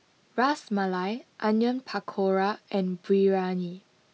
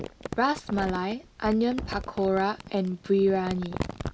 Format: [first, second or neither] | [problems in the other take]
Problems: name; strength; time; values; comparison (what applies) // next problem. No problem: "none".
first | background sound (Crumpling, crinkling); 11 dB below the speech